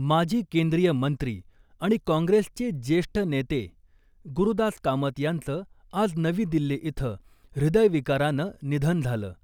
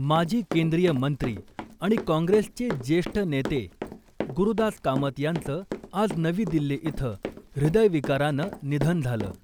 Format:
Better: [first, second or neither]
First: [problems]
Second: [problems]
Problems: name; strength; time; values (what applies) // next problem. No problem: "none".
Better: first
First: none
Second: background sound (Run); 12 dB below the speech